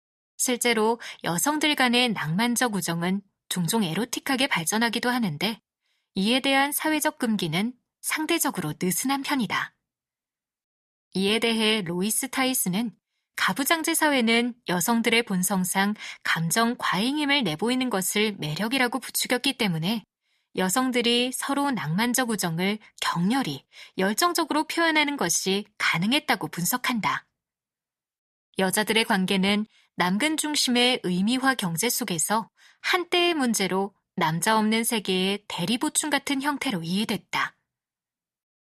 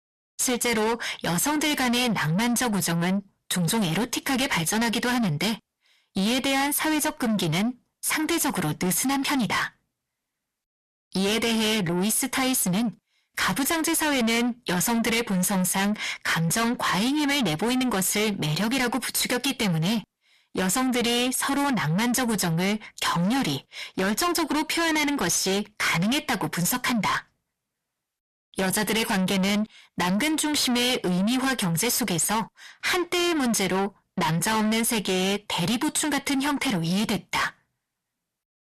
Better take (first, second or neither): first